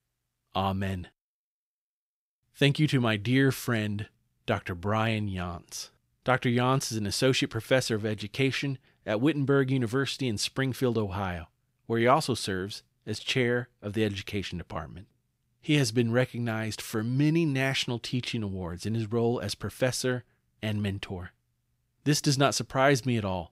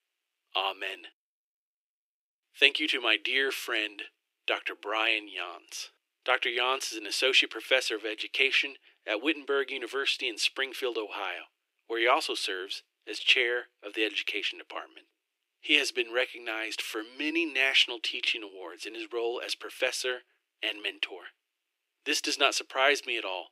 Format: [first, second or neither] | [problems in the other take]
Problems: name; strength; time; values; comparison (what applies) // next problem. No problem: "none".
first | thin; very; fading below 300 Hz